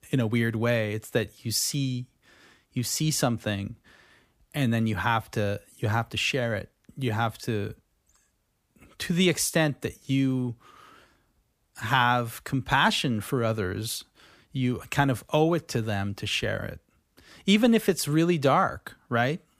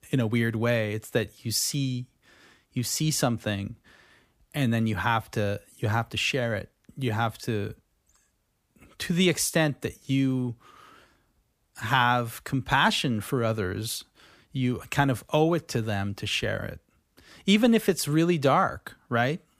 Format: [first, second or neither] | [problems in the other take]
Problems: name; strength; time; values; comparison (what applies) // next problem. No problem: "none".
neither | none